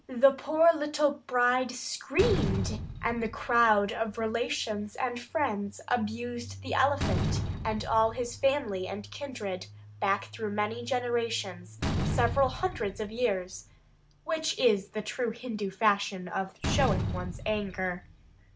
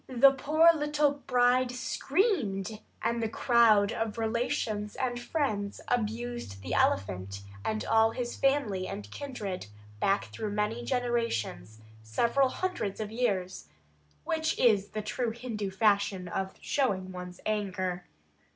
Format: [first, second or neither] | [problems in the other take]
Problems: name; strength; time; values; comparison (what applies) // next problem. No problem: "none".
second | background sound (Slam); 8 dB below the speech